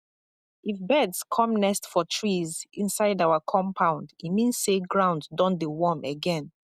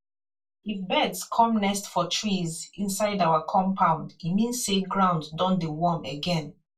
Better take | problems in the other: first | room echo; dies away in 0.2 s

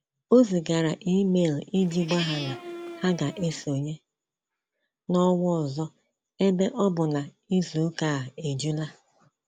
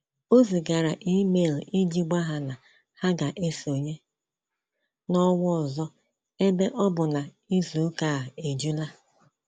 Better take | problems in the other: second | background sound (Livestock, farm animals, working animals); 11 dB below the speech

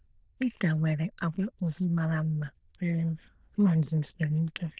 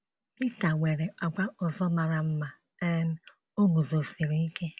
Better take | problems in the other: second | noise reduction (neural diffusion model UNIVERSE++)

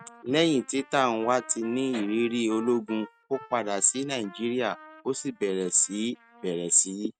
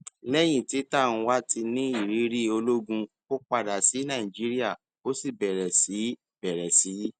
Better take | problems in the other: second | noise reduction (neural mask model RNNoise)

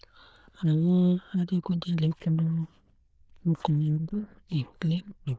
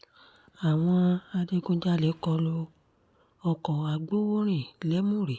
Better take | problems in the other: second | noise reduction (neural diffusion model UNIVERSE++)

